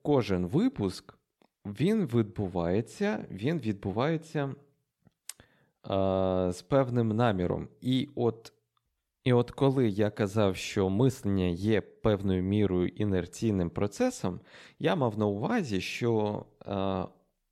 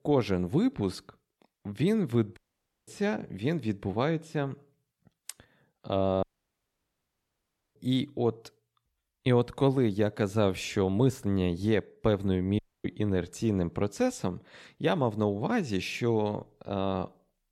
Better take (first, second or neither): first